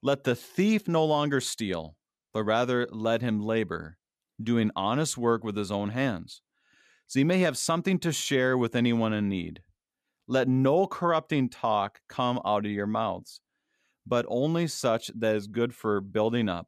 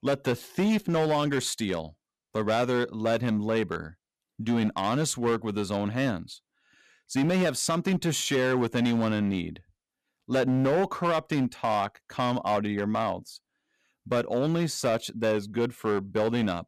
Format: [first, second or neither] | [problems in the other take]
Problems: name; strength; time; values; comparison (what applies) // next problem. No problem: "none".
first | distortion; slight; 8% of the sound clipped